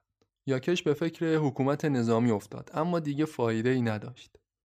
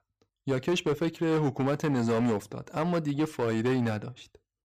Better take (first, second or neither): first